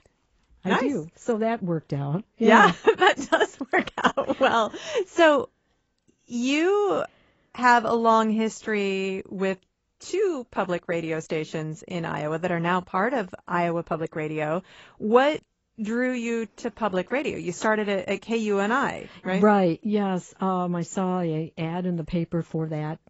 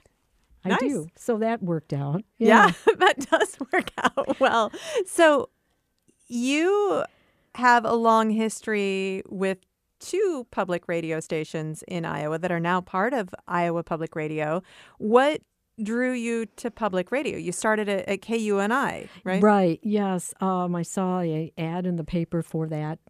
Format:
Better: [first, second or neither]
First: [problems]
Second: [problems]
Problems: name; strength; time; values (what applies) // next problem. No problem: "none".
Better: second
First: garbled, watery; badly; nothing above 7.5 kHz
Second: none